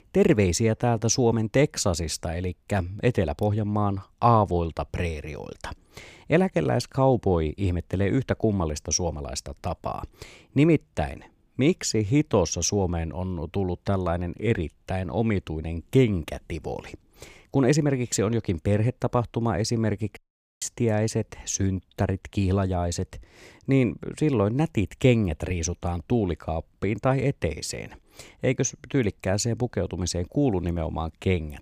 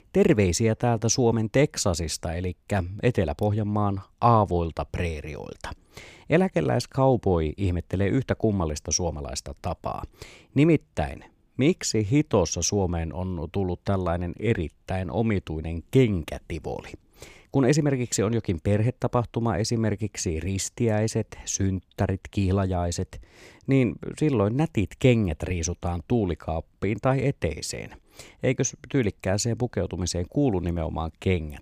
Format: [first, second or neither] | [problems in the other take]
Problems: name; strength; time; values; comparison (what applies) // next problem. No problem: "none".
second | audio cutting out; at 20 s